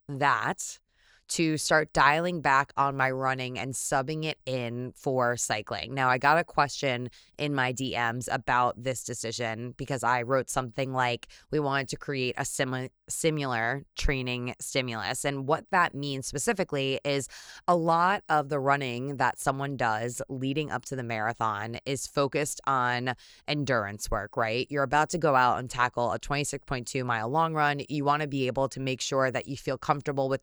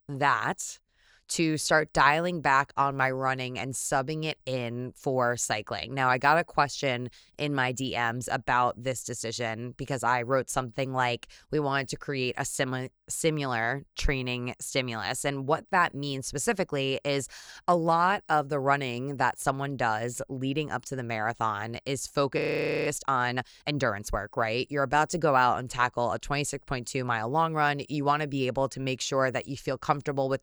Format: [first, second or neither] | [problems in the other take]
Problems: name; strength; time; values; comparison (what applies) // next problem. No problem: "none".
first | audio freezing; at 22 s